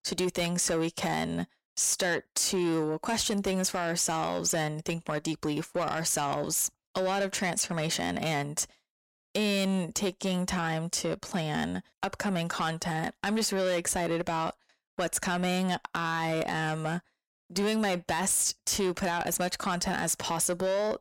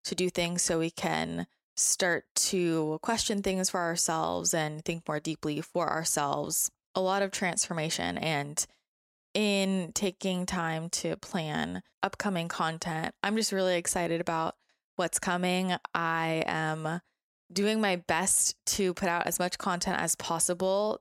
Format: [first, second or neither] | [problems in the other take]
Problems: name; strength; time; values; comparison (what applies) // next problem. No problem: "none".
second | distortion; slight; 10 dB below the speech